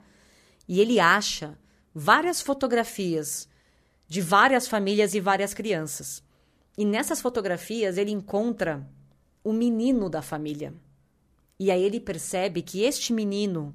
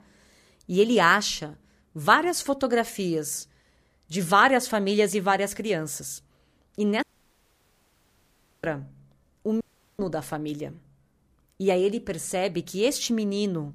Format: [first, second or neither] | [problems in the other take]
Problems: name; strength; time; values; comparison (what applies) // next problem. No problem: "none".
first | audio cutting out; at 7 s for 1.5 s and at 9.5 s